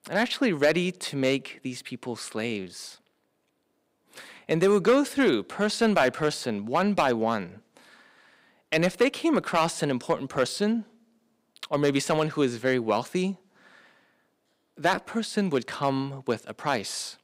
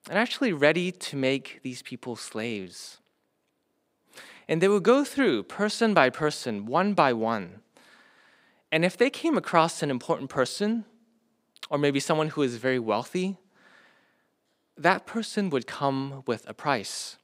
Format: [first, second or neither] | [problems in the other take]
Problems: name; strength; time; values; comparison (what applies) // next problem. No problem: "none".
second | distortion; slight; 1.3% of the sound clipped